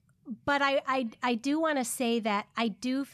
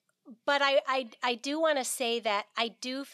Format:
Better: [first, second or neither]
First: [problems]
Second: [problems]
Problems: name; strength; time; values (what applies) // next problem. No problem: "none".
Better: first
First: none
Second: thin; somewhat; fading below 350 Hz